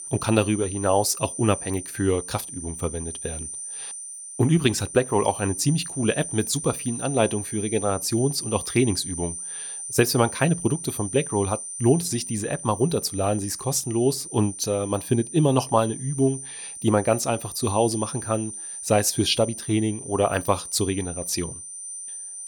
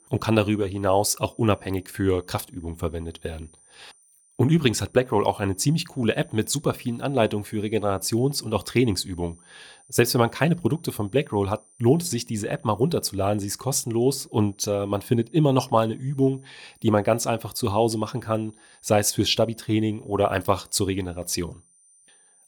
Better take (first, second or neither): second